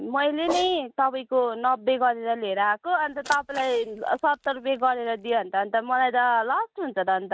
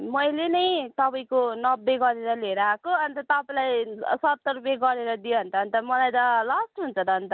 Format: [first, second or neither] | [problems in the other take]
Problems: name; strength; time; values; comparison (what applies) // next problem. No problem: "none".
second | noise reduction (neural mask model RNNoise)